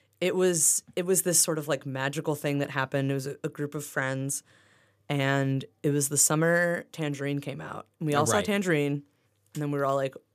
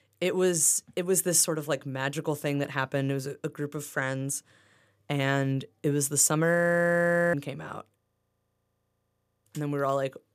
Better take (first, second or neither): first